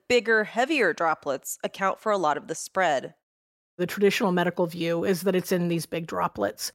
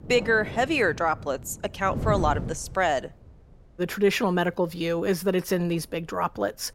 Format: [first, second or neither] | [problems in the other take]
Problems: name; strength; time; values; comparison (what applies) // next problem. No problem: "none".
first | wind noise on the microphone; occasional gusts; 15 dB below the speech